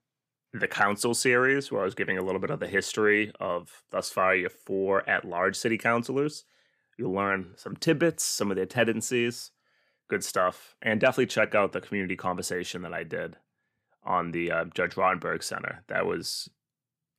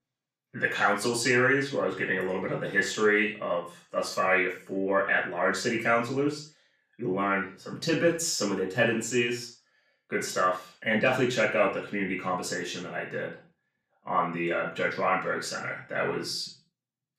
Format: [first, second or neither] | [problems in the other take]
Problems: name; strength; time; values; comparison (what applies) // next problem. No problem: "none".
first | room echo; noticeable; dies away in 0.3 s // off-mic speech; far